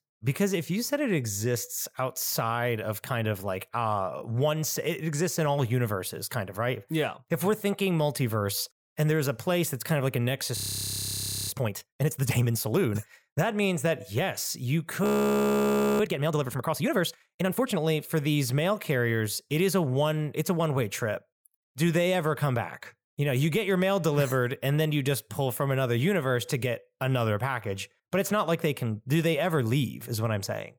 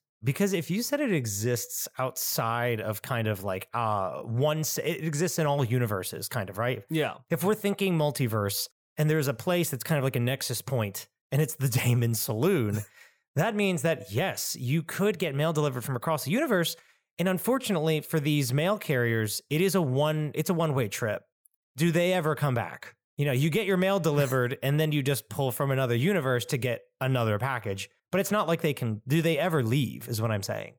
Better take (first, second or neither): second